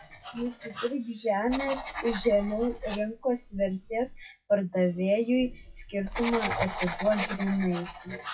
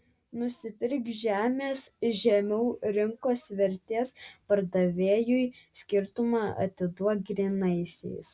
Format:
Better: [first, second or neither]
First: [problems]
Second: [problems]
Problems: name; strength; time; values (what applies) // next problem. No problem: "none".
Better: second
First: noise reduction (classical method WPE with log-MMSE)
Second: none